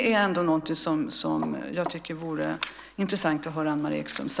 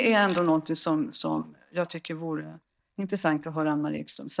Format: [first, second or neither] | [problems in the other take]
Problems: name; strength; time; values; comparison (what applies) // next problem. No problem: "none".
first | noise reduction (neural mask model DeepFilterNet 3)